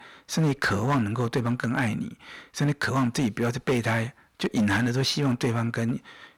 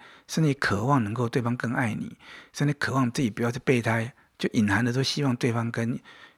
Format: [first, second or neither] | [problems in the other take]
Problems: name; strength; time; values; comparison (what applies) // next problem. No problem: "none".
second | distortion; slight; 8% of the sound clipped